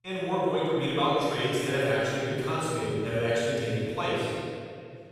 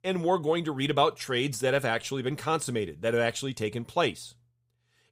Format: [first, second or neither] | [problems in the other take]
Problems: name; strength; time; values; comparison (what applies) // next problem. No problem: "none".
second | off-mic speech; far // room echo; strong; dies away in 2 s